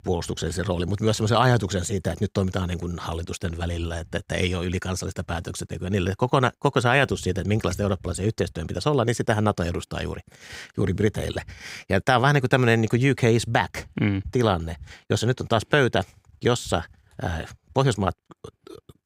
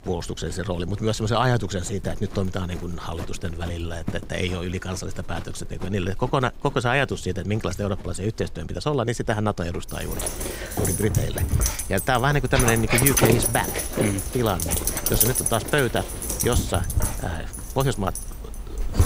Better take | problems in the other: first | animal sounds; very loud; throughout; 1 dB above the speech

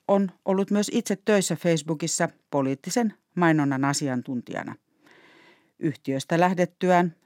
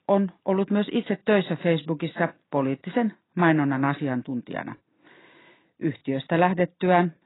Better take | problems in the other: first | garbled, watery; badly; nothing above 4 kHz

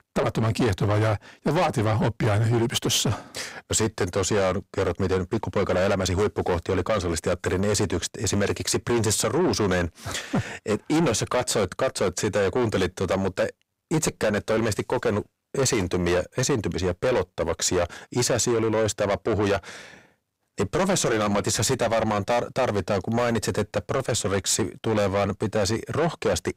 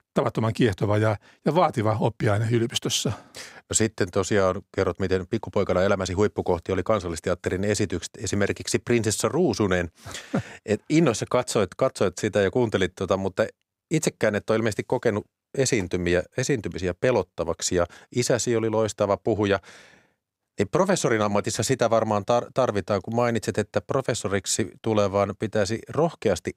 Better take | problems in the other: second | distortion; heavy; 6 dB below the speech

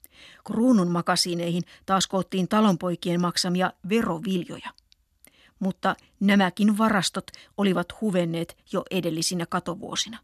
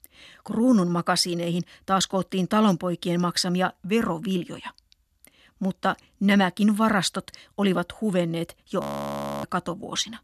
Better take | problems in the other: first | audio freezing; at 9 s for 0.5 s

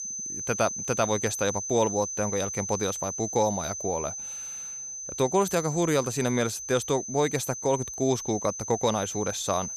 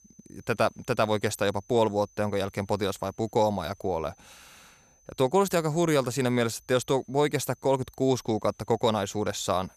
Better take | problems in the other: second | high-pitched whine; loud; throughout; 6 kHz, 5 dB below the speech; faint in the second

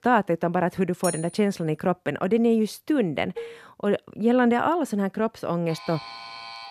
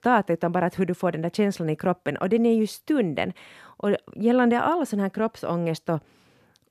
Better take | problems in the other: second | clattering dishes; noticeable; at 1 s; peak 8 dB below the speech // clattering dishes; faint; at 3.5 s; peak 15 dB below the speech // alarm; faint; from 5.5 s on; peak 15 dB below the speech

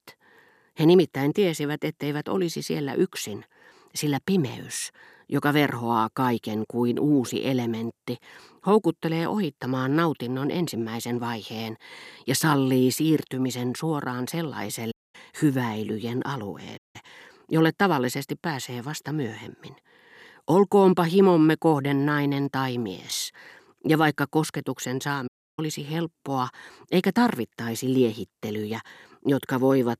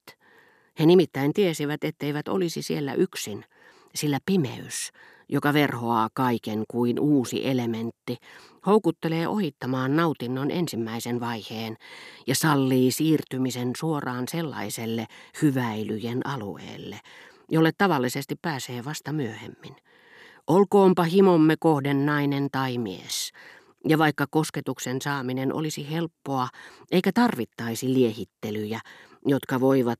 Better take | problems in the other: second | audio cutting out; at 15 s, at 17 s and at 25 s

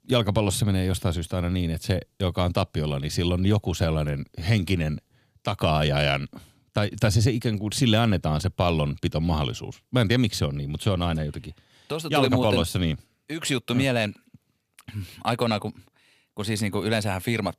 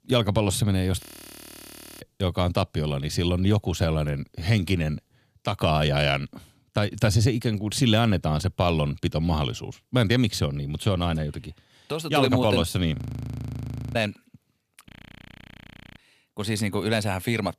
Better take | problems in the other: first | audio freezing; at 1 s for 1 s, at 13 s for 1 s and at 15 s for 1 s

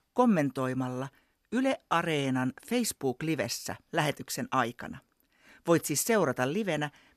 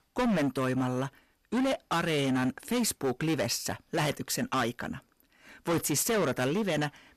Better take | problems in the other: first | distortion; heavy; 16% of the sound clipped

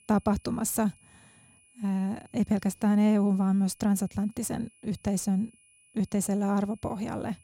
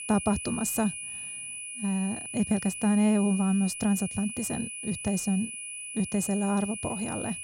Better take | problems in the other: first | high-pitched whine; loud; throughout; 2.5 kHz, 7 dB below the speech; faint in the first

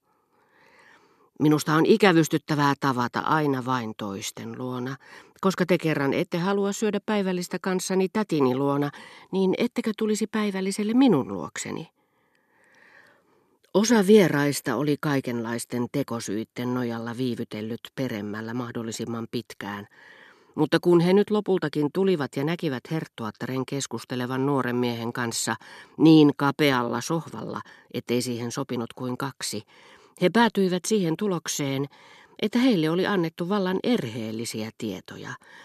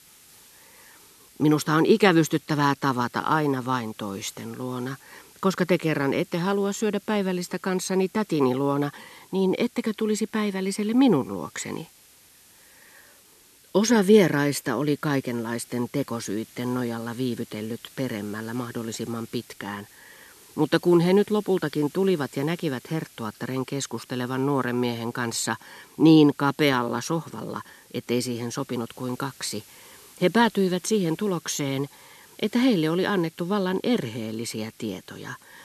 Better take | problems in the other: first | hiss; faint; throughout; 25 dB below the speech

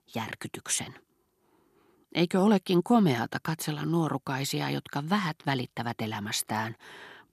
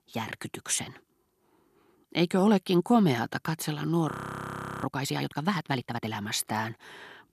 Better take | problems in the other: first | audio freezing; at 4 s for 0.5 s

